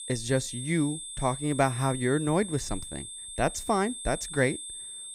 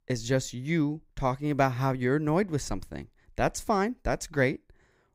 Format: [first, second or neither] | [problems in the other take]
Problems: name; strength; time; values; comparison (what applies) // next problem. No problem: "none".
second | high-pitched whine; loud; throughout; 8.5 kHz, 8 dB below the speech